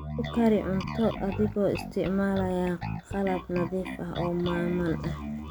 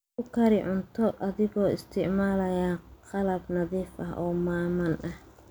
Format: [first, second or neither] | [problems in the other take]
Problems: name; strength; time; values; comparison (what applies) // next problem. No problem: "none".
second | background sound (Bass guitar); 7 dB below the speech